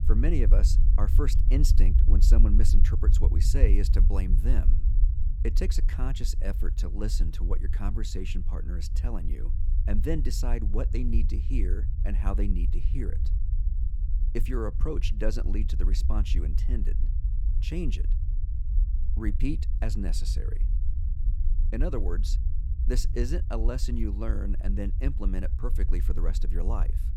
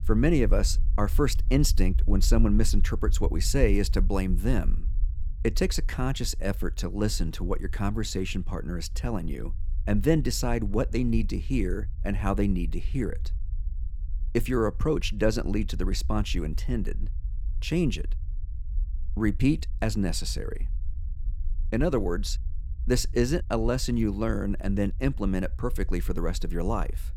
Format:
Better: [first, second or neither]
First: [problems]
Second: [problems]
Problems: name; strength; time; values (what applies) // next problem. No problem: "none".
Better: second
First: low rumble; loud; throughout; 9 dB below the speech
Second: low rumble; faint; throughout; 25 dB below the speech